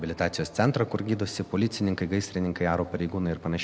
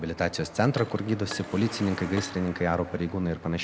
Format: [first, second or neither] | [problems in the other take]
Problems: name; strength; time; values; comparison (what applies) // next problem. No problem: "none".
first | background sound (Truck + Glass); 14 dB below the speech